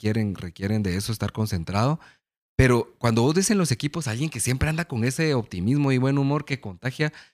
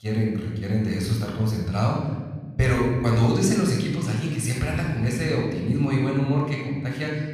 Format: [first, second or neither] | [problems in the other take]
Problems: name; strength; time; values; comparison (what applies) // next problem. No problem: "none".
first | room echo; noticeable; dies away in 1.4 s // off-mic speech; somewhat distant